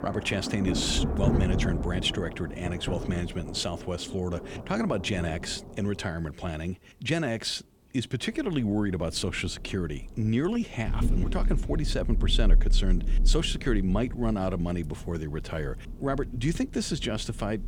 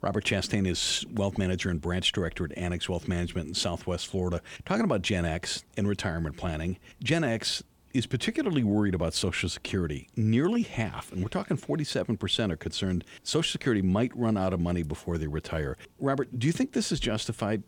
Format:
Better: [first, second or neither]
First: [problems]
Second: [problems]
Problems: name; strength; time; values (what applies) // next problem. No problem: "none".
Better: second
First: rain or running water; loud; throughout; 3 dB below the speech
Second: none